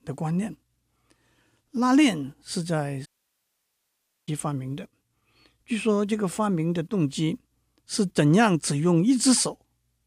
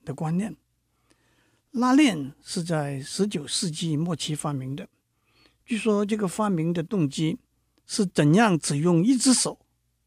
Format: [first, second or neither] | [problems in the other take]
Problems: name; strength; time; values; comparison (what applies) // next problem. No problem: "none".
second | audio cutting out; at 3 s for 1 s